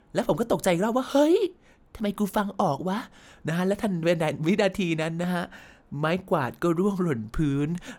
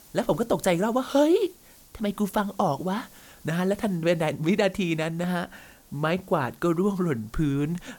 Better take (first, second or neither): first